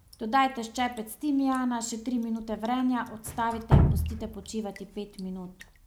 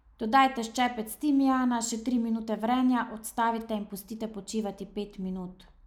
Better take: second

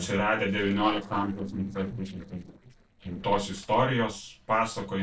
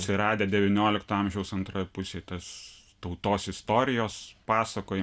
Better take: second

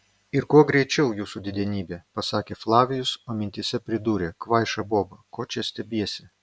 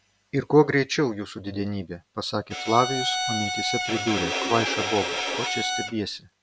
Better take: first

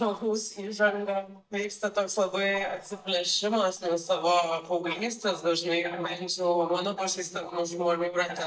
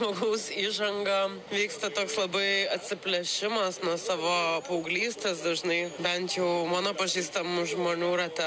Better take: second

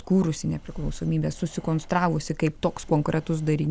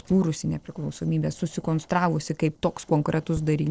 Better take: first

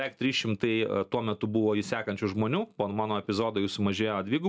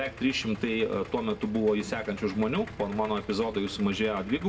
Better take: first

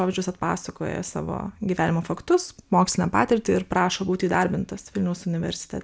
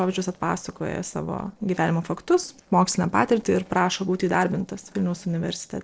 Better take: first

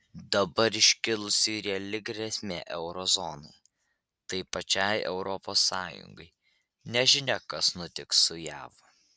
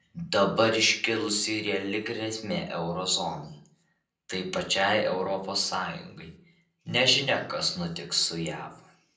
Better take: first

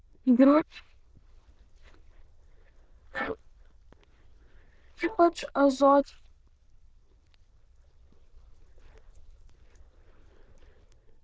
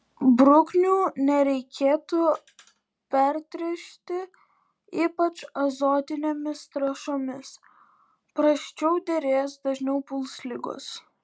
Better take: second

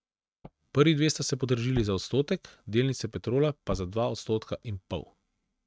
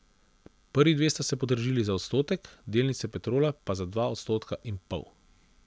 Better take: second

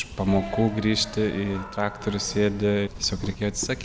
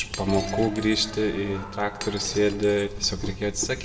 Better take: first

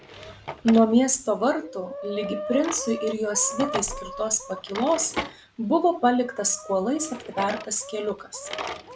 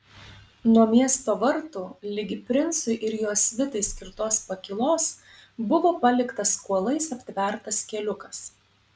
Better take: second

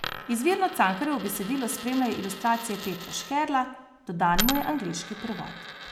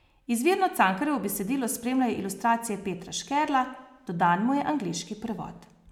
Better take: second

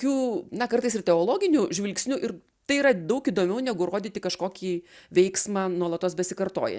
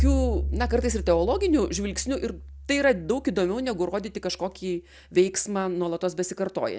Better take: first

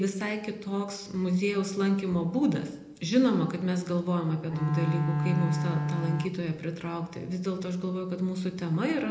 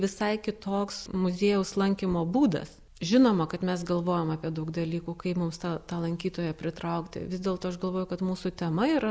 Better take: second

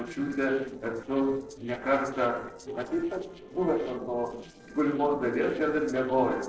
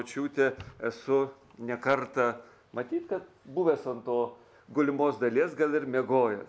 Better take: second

